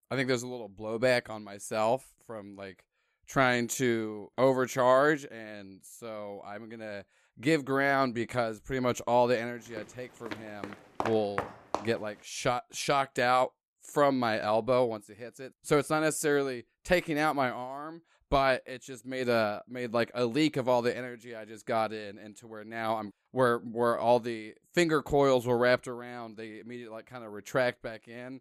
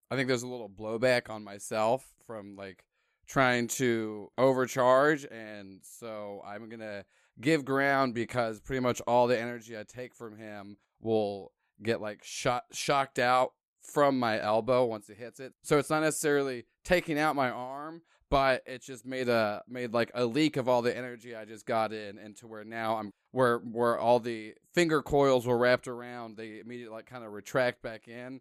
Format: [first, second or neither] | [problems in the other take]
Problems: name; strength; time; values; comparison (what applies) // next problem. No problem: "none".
second | footsteps; noticeable; from 10 to 12 s; peak 7 dB below the speech